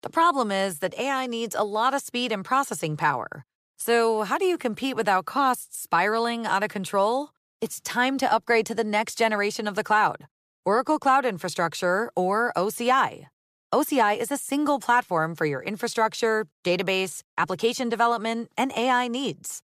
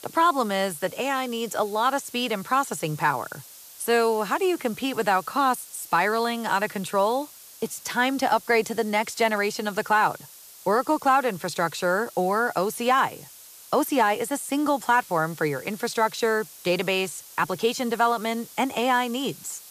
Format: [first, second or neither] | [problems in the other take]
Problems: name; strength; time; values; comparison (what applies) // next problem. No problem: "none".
first | hiss; noticeable; throughout; 20 dB below the speech